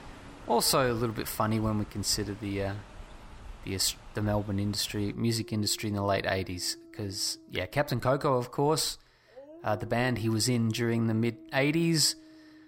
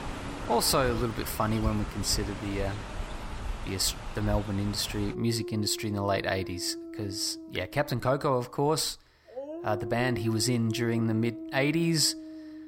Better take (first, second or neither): first